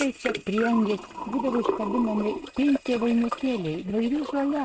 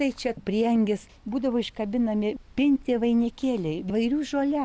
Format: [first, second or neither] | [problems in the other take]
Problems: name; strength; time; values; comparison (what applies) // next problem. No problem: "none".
second | noise reduction (neural mask model RNNoise)